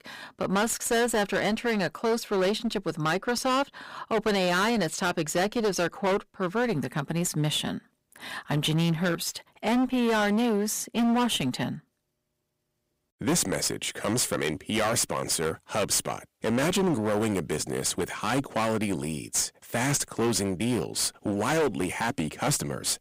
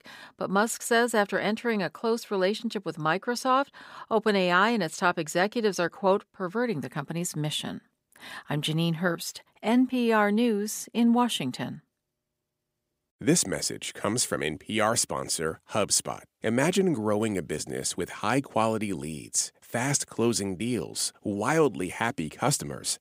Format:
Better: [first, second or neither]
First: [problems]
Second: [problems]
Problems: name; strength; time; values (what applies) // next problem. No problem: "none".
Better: second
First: distortion; heavy; 17% of the sound clipped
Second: none